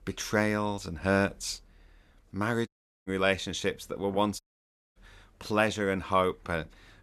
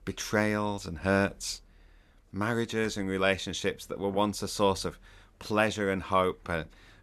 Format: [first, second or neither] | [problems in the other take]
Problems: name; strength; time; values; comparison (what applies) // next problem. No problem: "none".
second | audio cutting out; at 2.5 s and at 4.5 s for 0.5 s